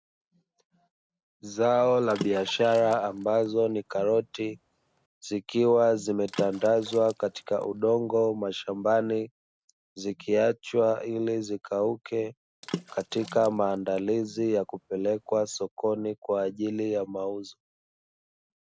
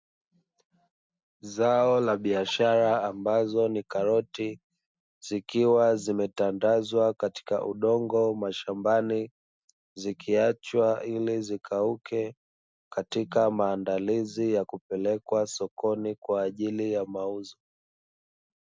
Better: second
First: background sound (Water / Splash, splatter); 16 dB below the speech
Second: none

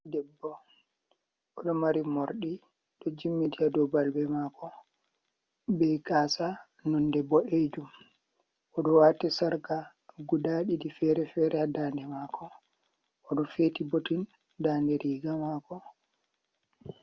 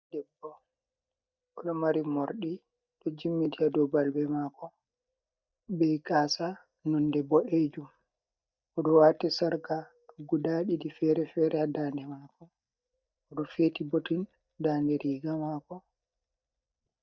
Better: first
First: none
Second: noise reduction (neural mask model DeepFilterNet 3)

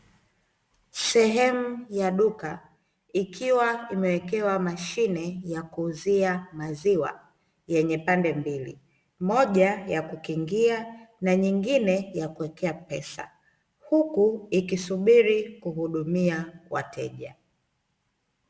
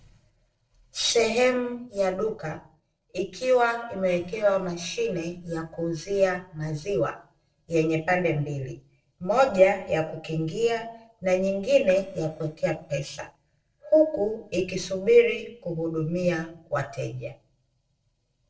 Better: first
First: none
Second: noise reduction (neural separator model SepFormer DNS4)

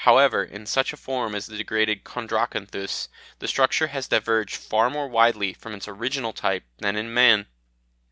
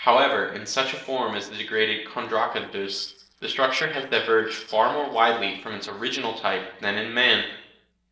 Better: first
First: none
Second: noise reduction (neural separator model SepFormer DNS4)

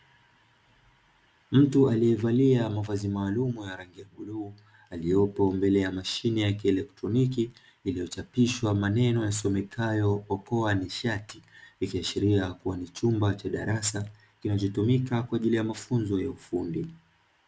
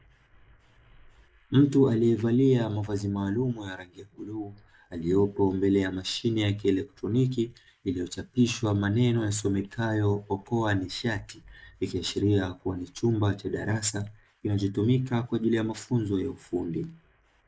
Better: first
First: none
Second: noise reduction (neural mask model Resemble Enhance denoiser)

